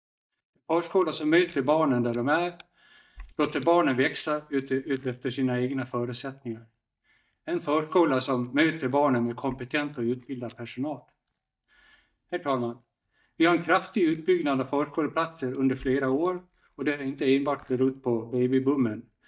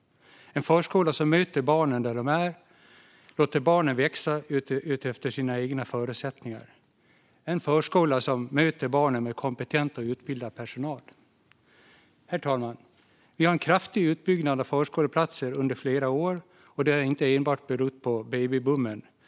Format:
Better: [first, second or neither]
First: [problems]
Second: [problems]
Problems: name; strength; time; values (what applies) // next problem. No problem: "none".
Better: second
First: noise reduction (neural mask model DeepFilterNet 3)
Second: none